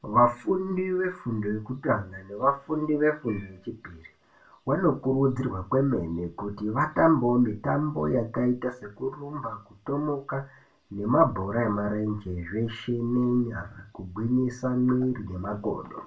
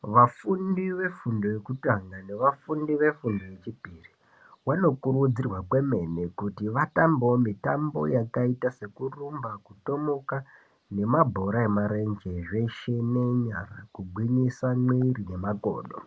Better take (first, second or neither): second